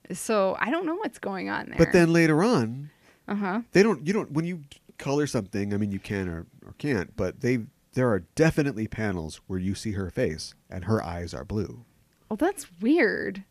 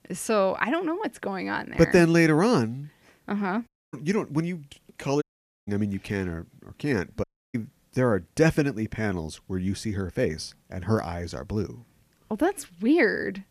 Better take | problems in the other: first | audio cutting out; at 3.5 s, at 5 s and at 7 s

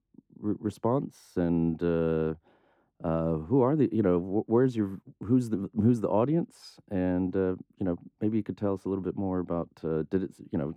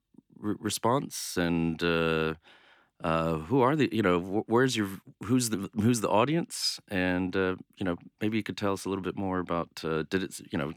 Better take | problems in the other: second | muffled; very; fading above 1 kHz

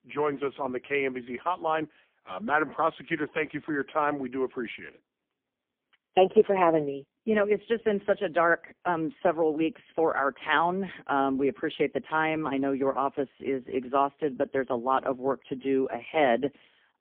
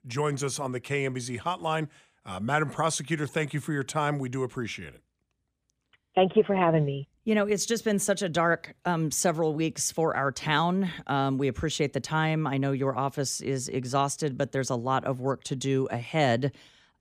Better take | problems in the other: second | phone-call audio; poor line; nothing above 3.5 kHz

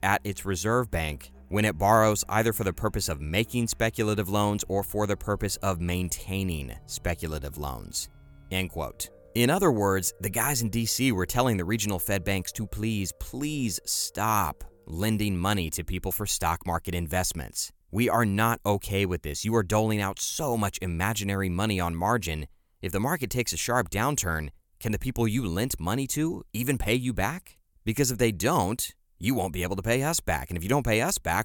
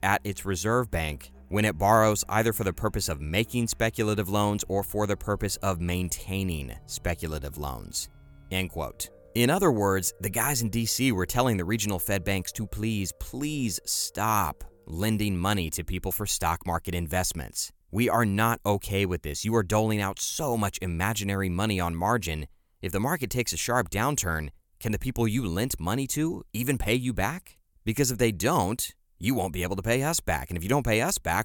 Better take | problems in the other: neither | background music; faint; until 16 s; 25 dB below the speech; the same in both

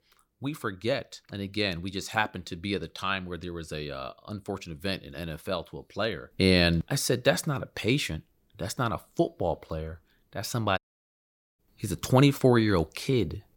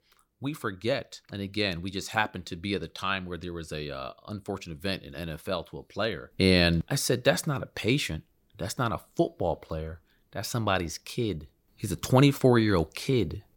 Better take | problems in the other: second | audio cutting out; at 11 s for 1 s

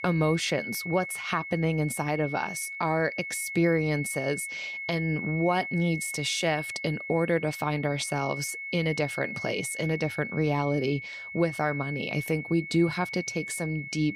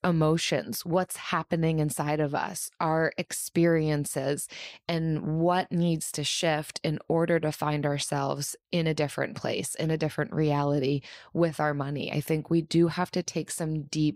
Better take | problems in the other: second | high-pitched whine; loud; throughout; 2 kHz, 7 dB below the speech

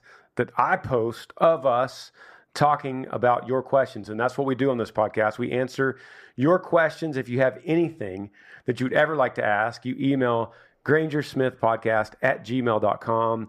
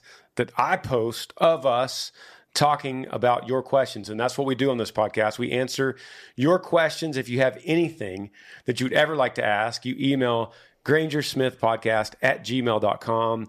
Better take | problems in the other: second | muffled; slightly; fading above 2 kHz

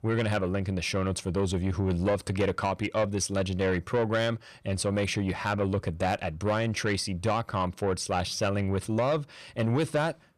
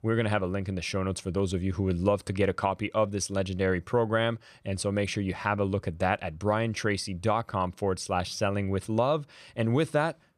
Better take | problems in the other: second | distortion; slight; 10 dB below the speech

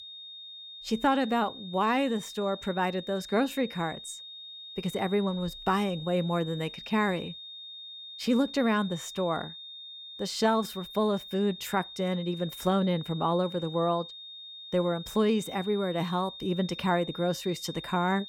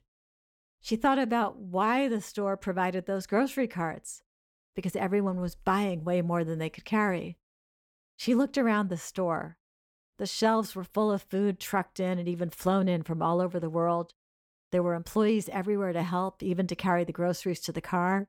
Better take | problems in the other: second | high-pitched whine; noticeable; throughout; 3.5 kHz, 10 dB below the speech

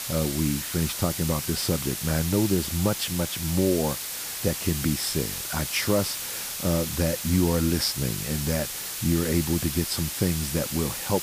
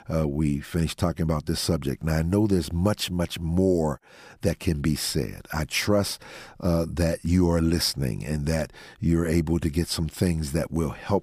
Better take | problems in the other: second | hiss; loud; throughout; 3 dB below the speech

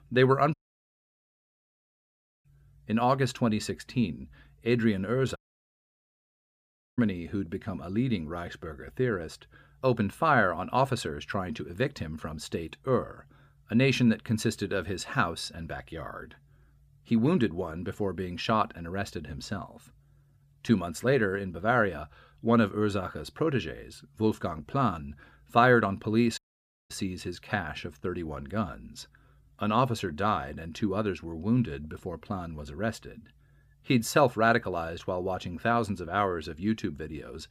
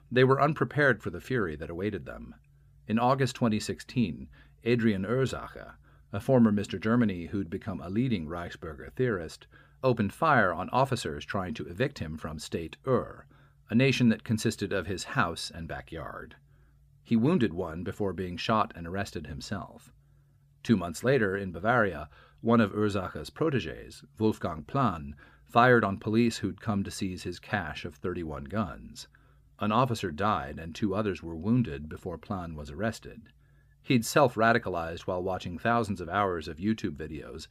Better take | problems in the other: second | audio cutting out; at 0.5 s for 2 s, at 5.5 s for 1.5 s and at 26 s for 0.5 s

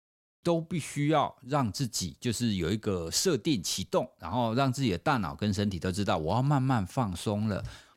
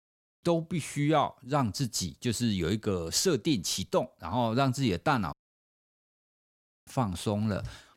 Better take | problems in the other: first | audio cutting out; at 5.5 s for 1.5 s

